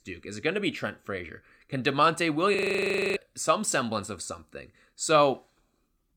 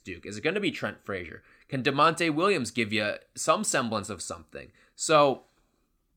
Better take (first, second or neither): second